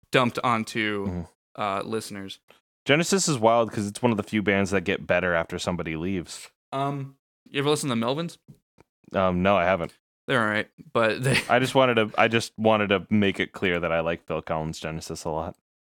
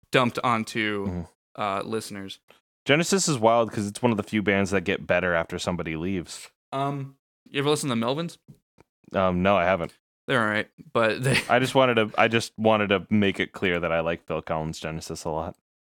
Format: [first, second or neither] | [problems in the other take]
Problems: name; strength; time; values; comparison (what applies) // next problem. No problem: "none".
neither | none